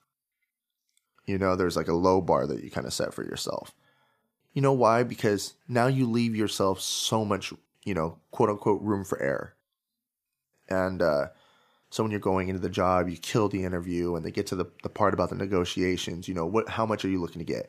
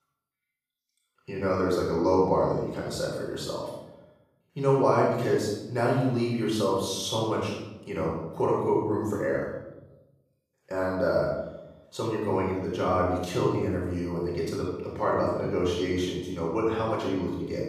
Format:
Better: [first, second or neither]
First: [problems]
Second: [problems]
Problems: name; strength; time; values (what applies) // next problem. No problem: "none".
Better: first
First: none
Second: room echo; noticeable; dies away in 0.9 s // off-mic speech; far